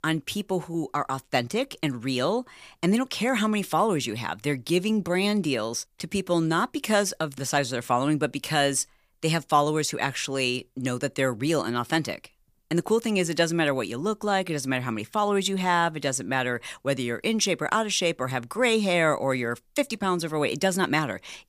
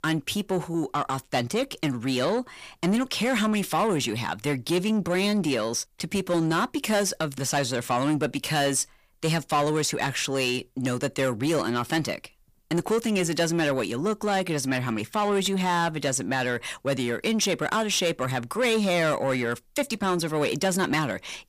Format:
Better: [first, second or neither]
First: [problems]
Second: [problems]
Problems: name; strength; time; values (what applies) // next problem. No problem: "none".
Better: first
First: none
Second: distortion; slight; 10 dB below the speech